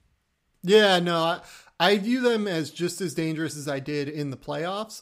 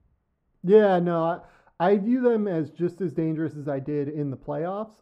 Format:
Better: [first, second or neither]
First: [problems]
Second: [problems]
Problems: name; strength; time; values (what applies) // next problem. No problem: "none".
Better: first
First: none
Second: muffled; very; fading above 2 kHz